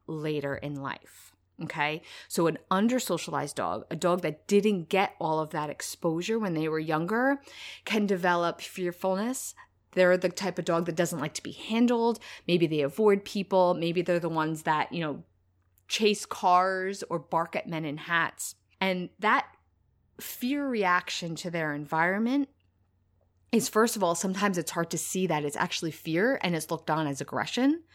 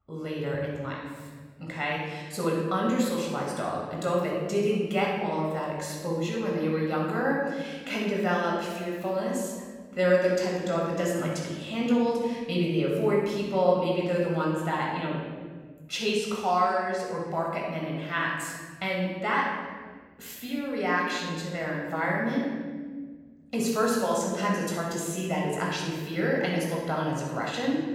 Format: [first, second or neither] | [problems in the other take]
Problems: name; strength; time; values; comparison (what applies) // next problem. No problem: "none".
first | off-mic speech; far // room echo; strong; dies away in 1.6 s